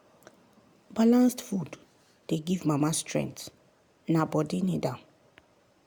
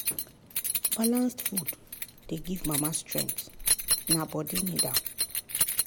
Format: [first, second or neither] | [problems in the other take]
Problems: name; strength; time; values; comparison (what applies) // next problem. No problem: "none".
first | background sound (Keys jangling); 3 dB above the speech